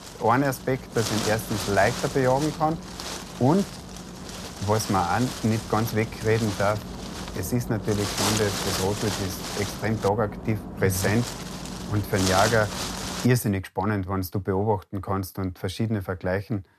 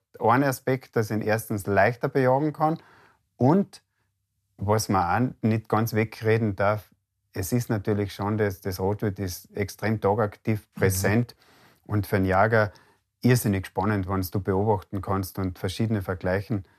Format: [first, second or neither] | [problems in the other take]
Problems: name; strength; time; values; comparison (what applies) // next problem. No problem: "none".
second | wind noise on the microphone; heavy; until 13 s; 6 dB below the speech